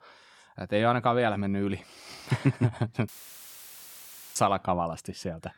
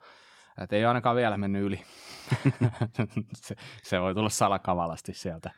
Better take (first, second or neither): second